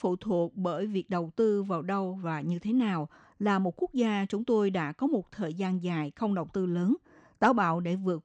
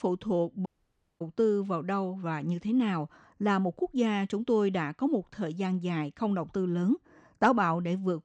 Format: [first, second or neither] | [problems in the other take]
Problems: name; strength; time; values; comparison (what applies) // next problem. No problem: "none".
first | audio cutting out; at 0.5 s for 0.5 s